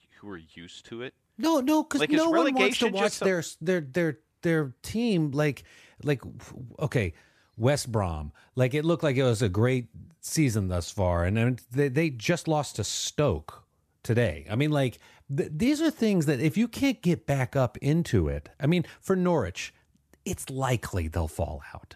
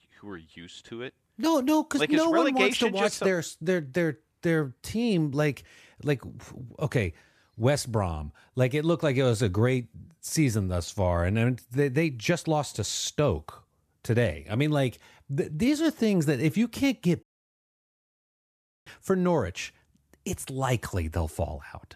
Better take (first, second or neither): first